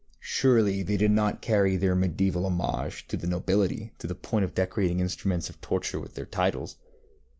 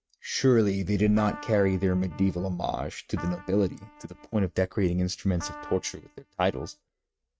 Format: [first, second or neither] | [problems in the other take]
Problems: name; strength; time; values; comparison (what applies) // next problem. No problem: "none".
first | noise reduction (neural mask model RNNoise)